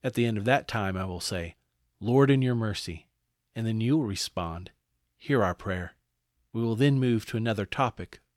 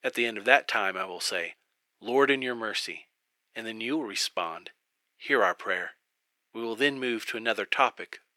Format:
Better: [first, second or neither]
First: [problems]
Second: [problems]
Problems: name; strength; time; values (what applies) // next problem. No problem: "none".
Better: first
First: none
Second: thin; very; fading below 350 Hz